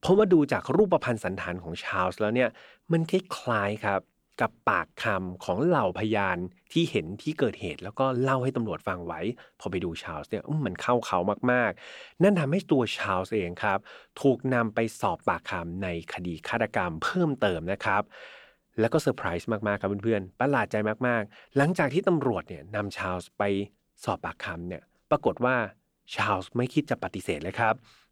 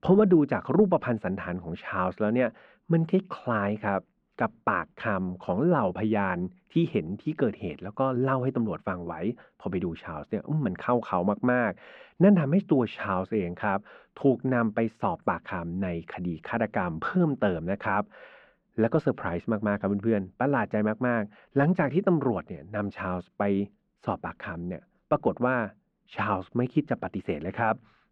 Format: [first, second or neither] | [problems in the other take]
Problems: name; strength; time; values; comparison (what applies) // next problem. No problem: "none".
first | muffled; very; fading above 2 kHz